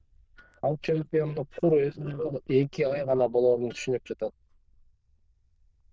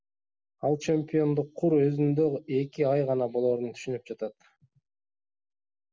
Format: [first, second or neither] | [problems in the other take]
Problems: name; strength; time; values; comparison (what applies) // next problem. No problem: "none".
second | noise reduction (neural diffusion model UNIVERSE++)